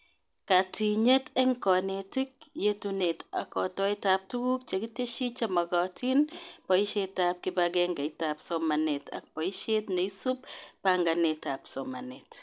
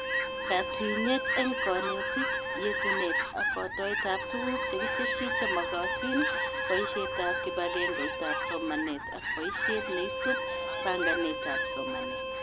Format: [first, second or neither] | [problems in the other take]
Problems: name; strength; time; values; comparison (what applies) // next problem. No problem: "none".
first | background sound (Fowl + Bowed string instrument); 2 dB above the speech